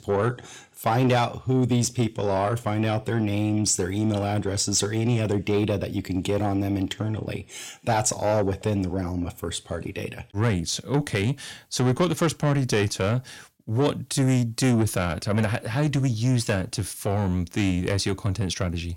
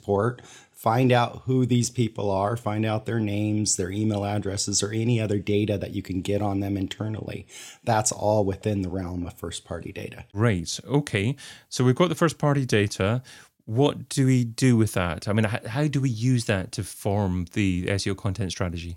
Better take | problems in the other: second | distortion; slight; 10 dB below the speech

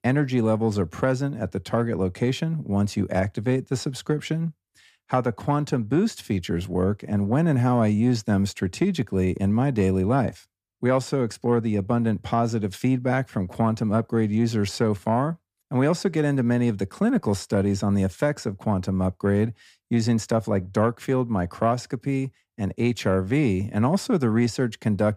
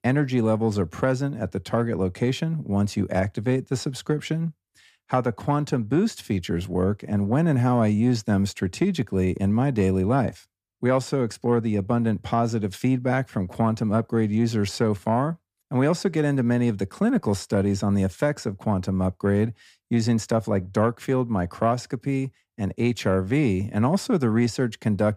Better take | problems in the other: neither | none

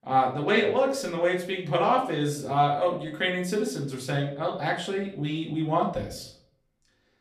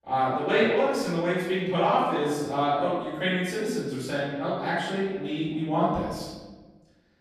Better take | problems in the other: first | room echo; strong; dies away in 1.2 s; slight in the first // off-mic speech; far; far in the first

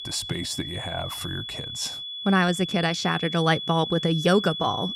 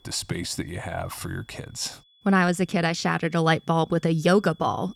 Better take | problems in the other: second | high-pitched whine; loud; throughout; 3.5 kHz, 7 dB below the speech; faint in the second

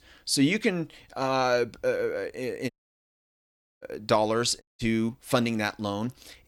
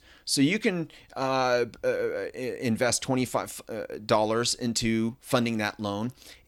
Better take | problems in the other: second | audio cutting out; at 2.5 s for 1 s and at 4.5 s

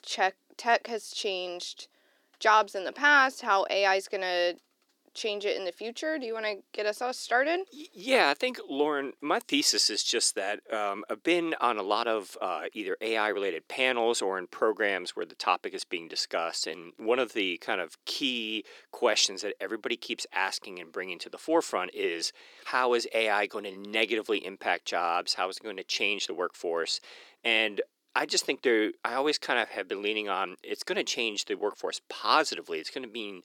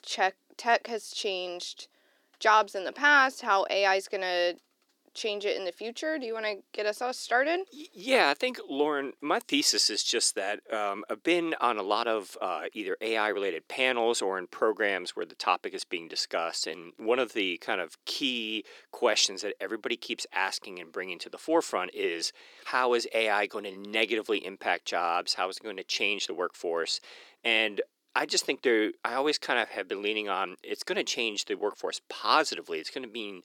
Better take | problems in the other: neither | thin; somewhat; fading below 350 Hz; the same in both

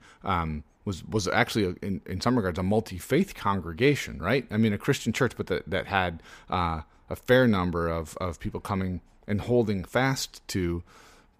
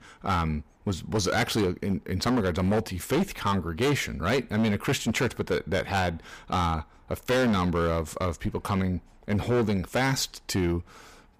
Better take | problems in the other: first | distortion; heavy; 12% of the sound clipped

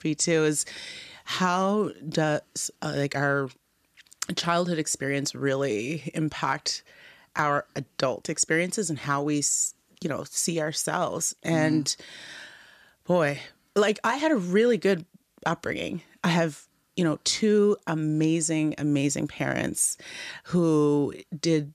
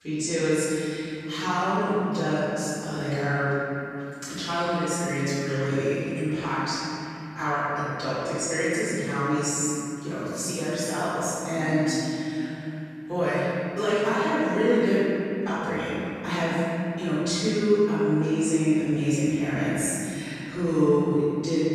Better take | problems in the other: first | off-mic speech; far // room echo; strong; dies away in 2.9 s

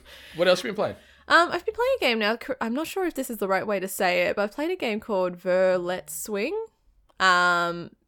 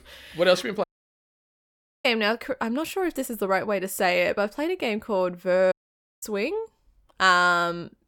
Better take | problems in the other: first | audio cutting out; at 1 s for 1 s and at 5.5 s for 0.5 s

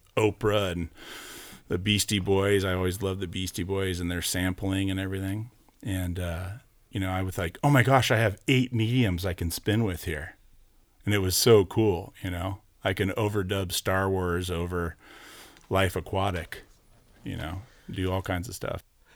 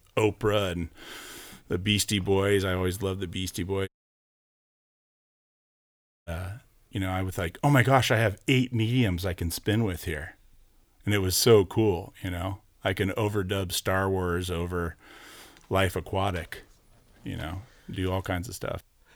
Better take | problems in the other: first | audio cutting out; at 4 s for 2.5 s

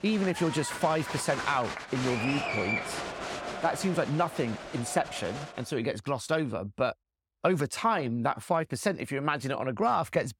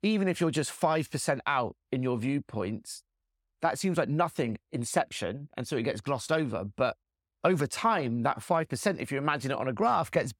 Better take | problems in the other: second | crowd noise; loud; until 5.5 s; 6 dB below the speech

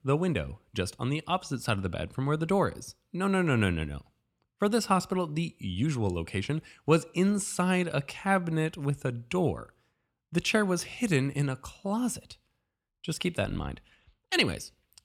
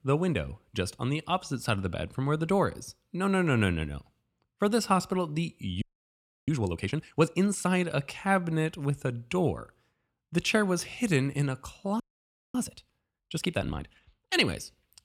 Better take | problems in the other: first | audio freezing; at 6 s for 0.5 s and at 12 s for 0.5 s

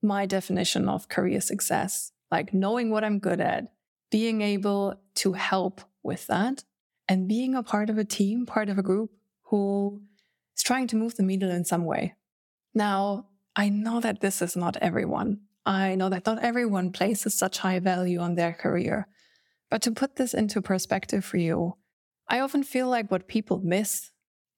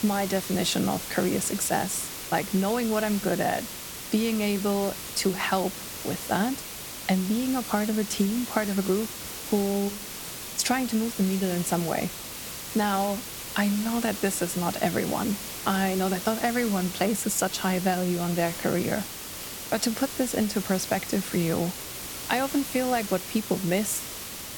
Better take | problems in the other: first | hiss; loud; throughout; 7 dB below the speech

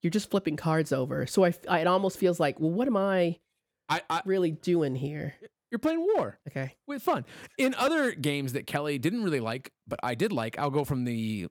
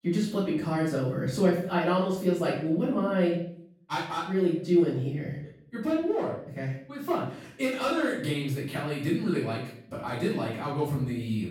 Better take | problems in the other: first | room echo; noticeable; dies away in 0.6 s // off-mic speech; far

